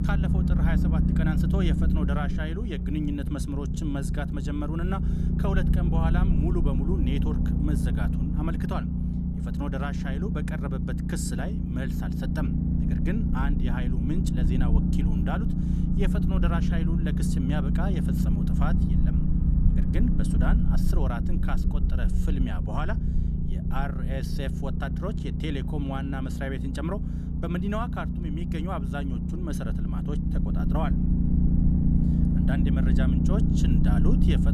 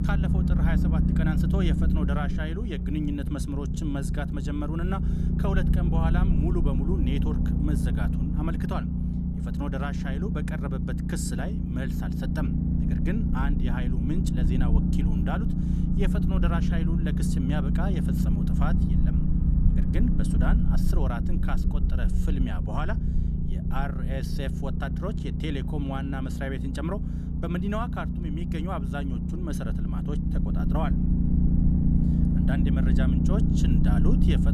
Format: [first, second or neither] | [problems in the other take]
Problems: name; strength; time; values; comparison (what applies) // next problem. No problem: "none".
neither | low rumble; loud; throughout; as loud as the speech; the same in both